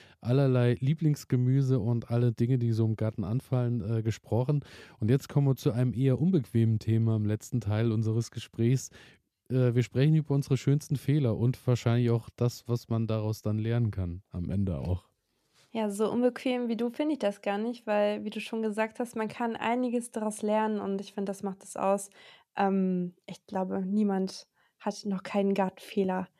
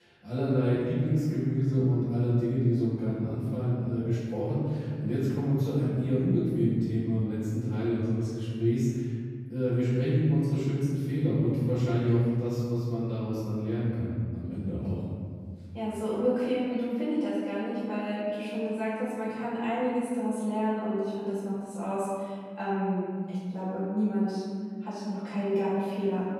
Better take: first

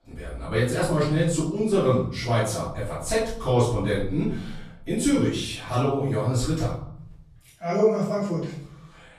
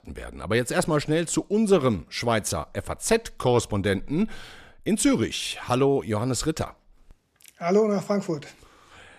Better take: second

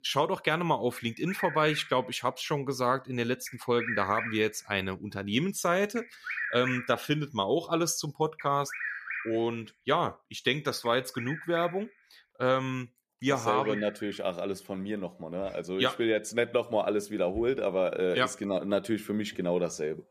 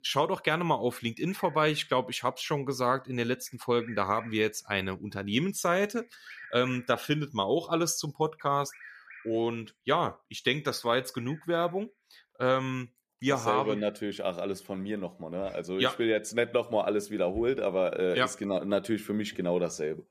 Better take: second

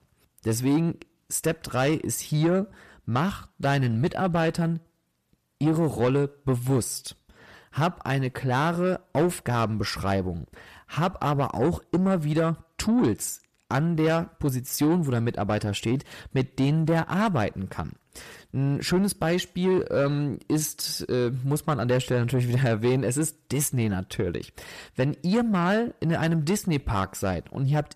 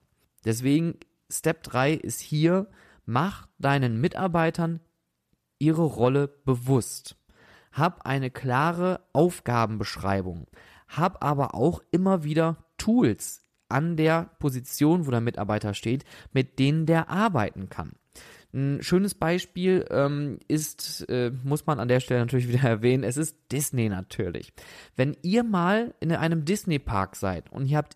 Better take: second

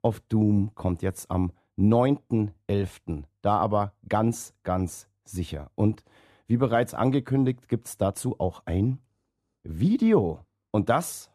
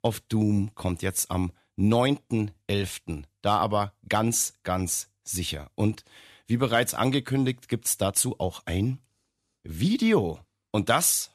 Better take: second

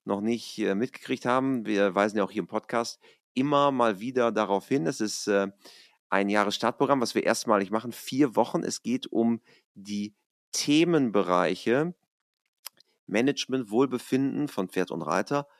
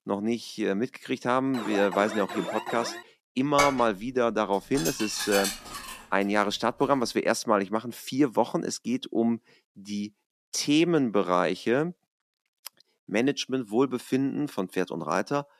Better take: first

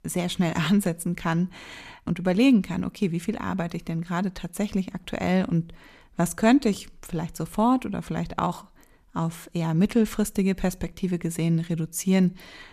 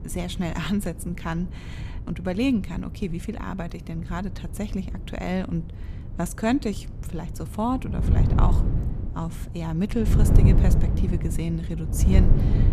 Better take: first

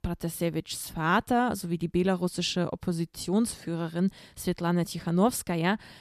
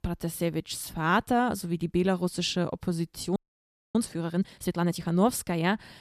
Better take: first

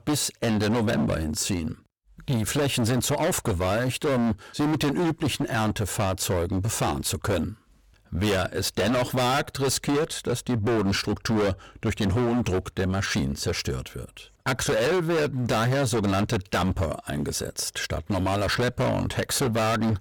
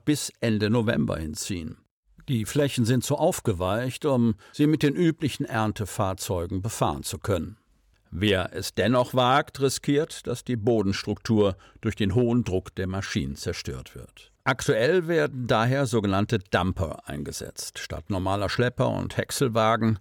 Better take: second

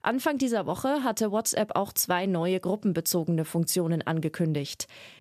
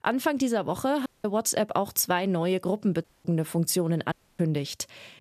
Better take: first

